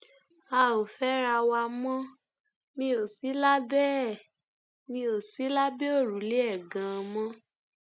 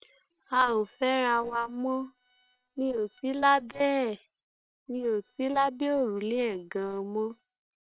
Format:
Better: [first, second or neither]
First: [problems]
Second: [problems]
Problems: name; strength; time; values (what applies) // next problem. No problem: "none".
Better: first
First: none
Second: noise reduction (neural separator model SepFormer WHAM!)